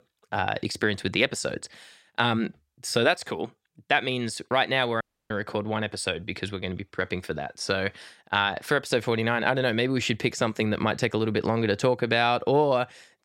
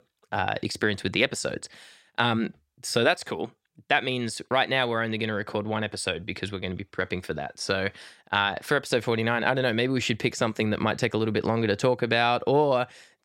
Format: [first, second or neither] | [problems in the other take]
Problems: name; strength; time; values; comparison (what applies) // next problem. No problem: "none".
second | audio cutting out; at 5 s